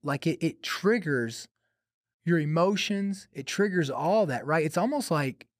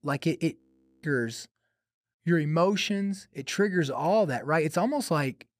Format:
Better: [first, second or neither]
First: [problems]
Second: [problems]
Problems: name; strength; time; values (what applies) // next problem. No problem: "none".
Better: first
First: none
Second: audio freezing; at 0.5 s